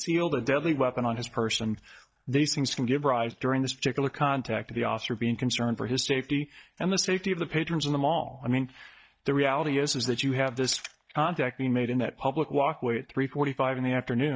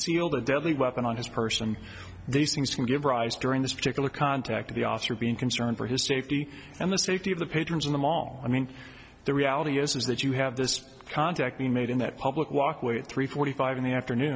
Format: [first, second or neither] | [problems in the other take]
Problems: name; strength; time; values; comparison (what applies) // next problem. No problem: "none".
second | noise reduction (neural mask model DeepFilterNet 3)